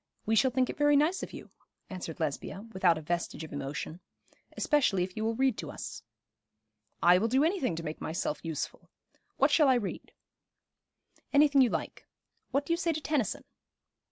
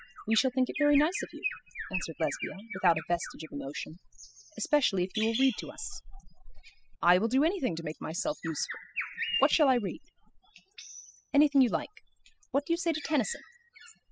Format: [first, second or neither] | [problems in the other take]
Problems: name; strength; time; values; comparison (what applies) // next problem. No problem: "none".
first | noise reduction (classical method spectral subtraction)